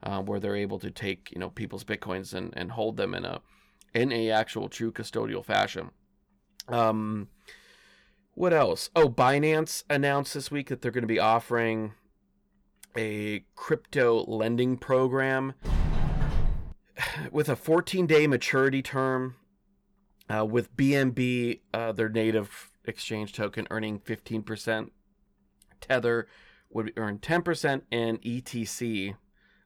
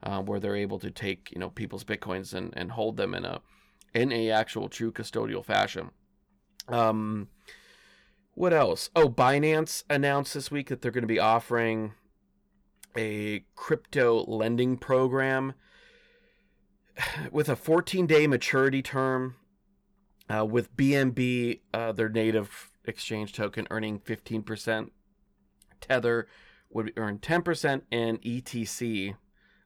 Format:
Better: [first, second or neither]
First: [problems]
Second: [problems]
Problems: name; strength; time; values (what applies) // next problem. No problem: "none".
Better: second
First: door banging; noticeable; from 16 to 17 s; peak 1 dB below the speech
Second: none